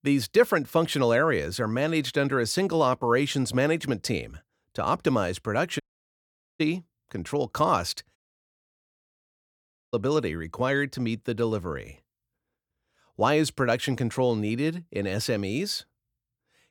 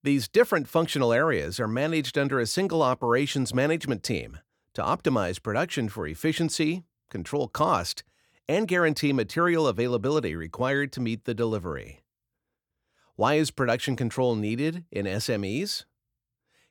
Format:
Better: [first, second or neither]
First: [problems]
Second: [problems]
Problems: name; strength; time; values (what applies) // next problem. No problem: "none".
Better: second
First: audio cutting out; at 6 s for 1 s and at 8 s for 2 s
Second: none